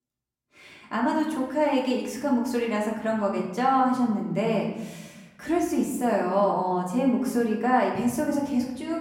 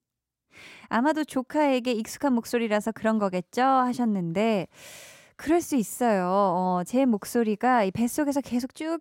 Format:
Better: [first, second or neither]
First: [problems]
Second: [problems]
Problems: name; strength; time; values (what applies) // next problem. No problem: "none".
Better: second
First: room echo; noticeable; dies away in 1 s // off-mic speech; far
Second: none